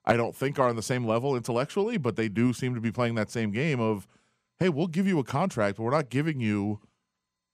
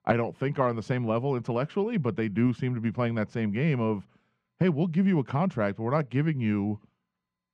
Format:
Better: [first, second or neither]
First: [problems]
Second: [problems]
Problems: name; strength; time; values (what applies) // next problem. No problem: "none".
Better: first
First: none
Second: muffled; slightly; fading above 3 kHz